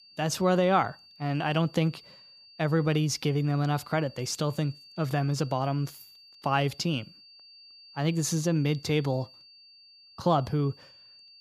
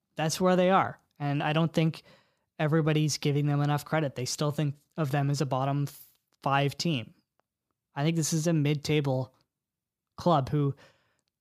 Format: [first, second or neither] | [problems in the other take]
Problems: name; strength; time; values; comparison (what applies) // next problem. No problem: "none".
second | high-pitched whine; faint; throughout; 4.5 kHz, 20 dB below the speech